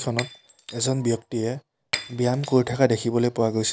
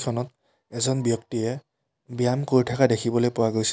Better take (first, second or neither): second